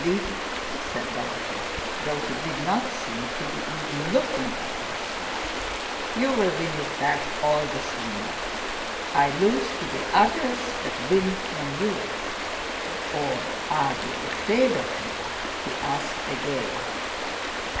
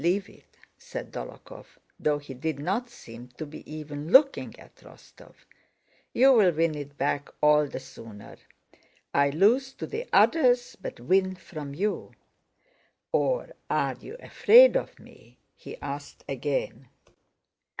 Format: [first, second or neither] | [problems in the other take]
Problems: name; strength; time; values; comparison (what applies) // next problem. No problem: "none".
second | background sound (Stream); 1 dB below the speech // room echo; dies away in 0.9 s